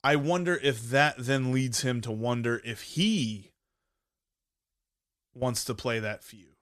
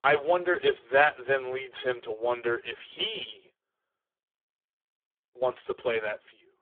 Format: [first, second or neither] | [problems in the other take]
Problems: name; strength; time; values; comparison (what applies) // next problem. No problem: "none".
first | phone-call audio; poor line; nothing above 3.5 kHz